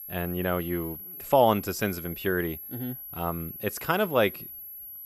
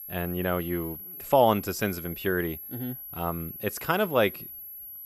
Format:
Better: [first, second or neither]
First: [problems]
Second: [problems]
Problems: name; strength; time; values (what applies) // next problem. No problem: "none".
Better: neither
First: high-pitched whine; noticeable; throughout; 11.5 kHz, 10 dB below the speech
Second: high-pitched whine; noticeable; throughout; 11.5 kHz, 10 dB below the speech